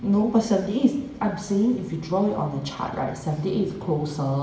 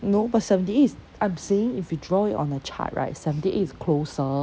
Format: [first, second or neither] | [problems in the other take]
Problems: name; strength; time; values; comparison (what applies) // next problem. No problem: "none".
second | room echo; dies away in 1 s